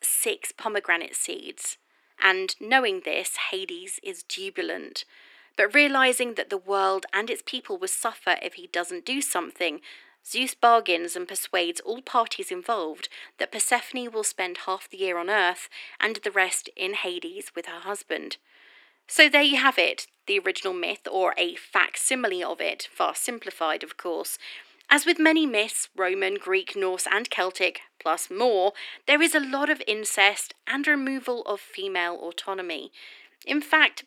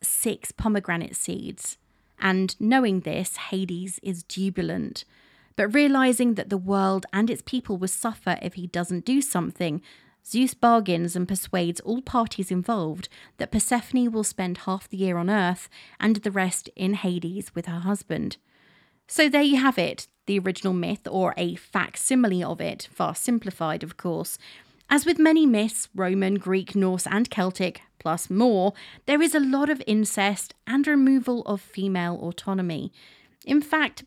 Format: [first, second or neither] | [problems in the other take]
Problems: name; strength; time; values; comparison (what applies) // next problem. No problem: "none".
second | thin; very; fading below 350 Hz